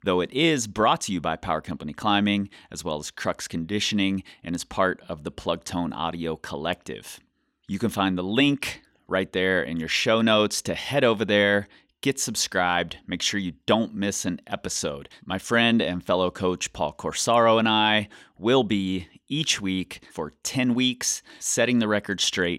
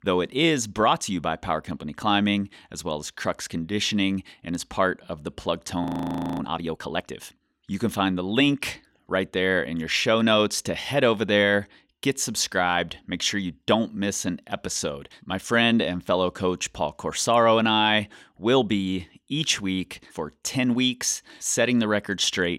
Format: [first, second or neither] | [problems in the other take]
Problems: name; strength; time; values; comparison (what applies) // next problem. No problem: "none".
first | audio freezing; at 6 s for 0.5 s